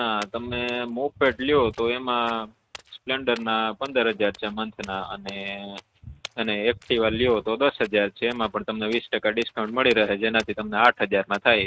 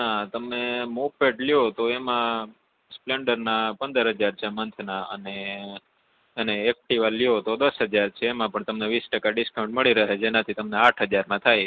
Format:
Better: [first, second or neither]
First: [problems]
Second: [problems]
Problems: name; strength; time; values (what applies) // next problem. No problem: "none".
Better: second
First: noise reduction (neural mask model RNNoise)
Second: none